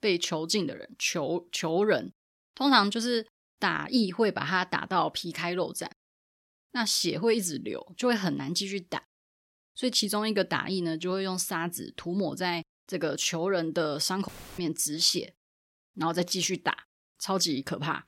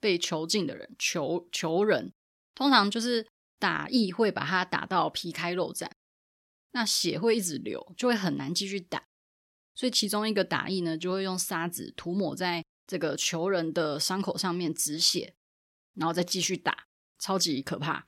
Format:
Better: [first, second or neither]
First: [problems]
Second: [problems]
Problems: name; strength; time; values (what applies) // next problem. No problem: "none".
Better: second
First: audio cutting out; filled with static; at 14 s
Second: none